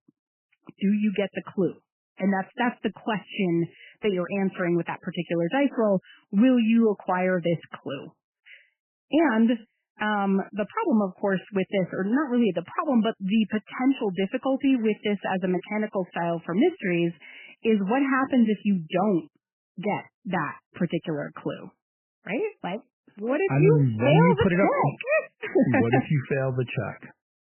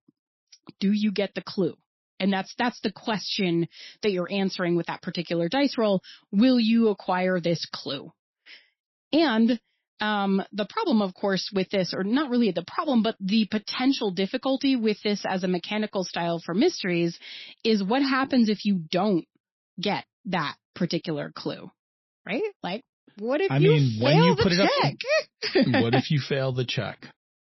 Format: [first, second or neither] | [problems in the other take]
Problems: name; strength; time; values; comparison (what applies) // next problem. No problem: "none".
second | garbled, watery; badly; nothing above 3 kHz; slightly in the second